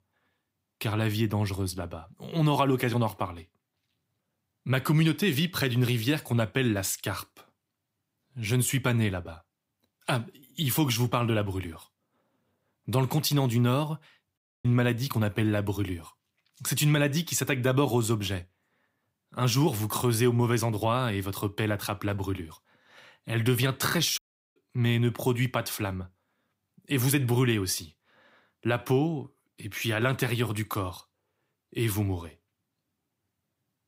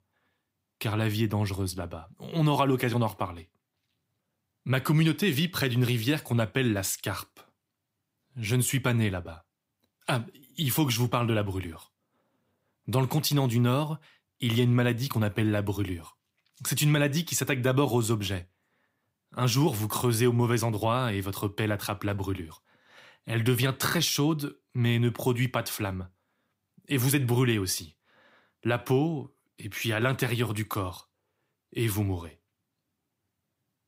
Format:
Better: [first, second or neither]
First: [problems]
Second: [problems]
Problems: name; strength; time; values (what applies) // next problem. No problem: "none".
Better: second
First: audio cutting out; at 14 s and at 24 s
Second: none